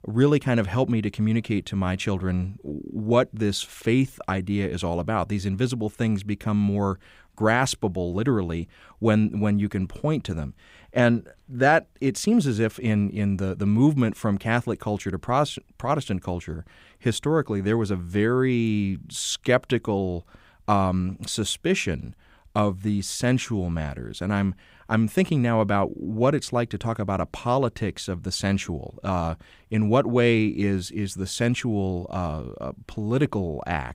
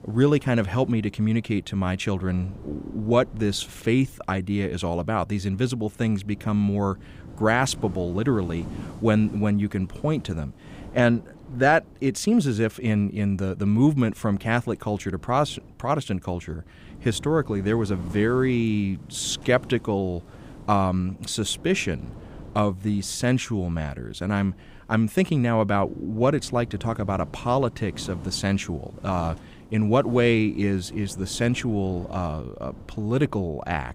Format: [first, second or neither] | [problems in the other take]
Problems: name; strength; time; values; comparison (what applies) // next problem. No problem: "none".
first | wind noise on the microphone; occasional gusts; 20 dB below the speech